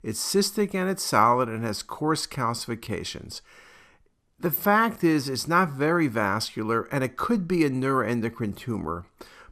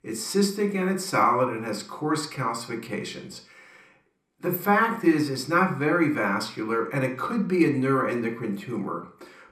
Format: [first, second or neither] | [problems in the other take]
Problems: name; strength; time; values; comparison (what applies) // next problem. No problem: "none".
first | room echo; very slight; dies away in 0.4 s